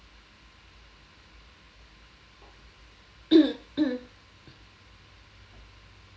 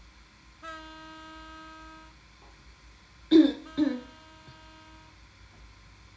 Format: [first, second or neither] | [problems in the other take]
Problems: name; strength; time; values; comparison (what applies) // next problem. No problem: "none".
first | background sound (Vehicle horn, car horn, honking); 20 dB below the speech // room echo; dies away in 0.4 s